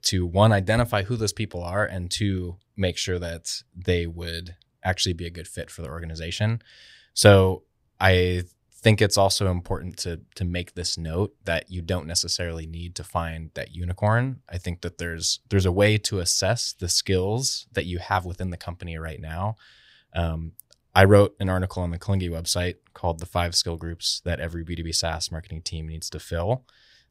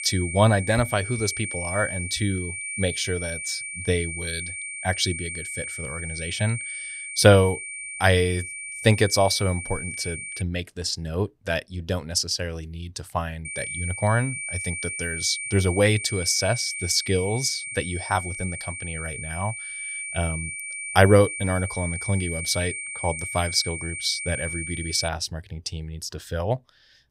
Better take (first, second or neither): first